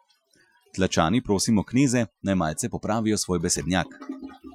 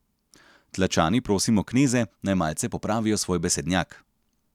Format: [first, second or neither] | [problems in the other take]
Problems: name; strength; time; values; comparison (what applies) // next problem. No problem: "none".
second | noise reduction (classical method Wiener filter)